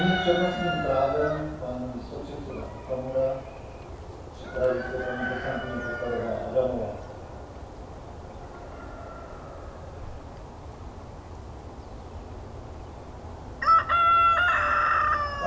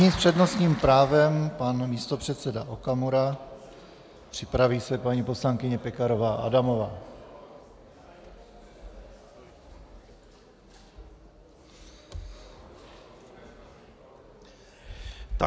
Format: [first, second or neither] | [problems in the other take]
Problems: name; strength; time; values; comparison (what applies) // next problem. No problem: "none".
second | background sound (Chicken, rooster); 3 dB above the speech // room echo; dies away in 0.7 s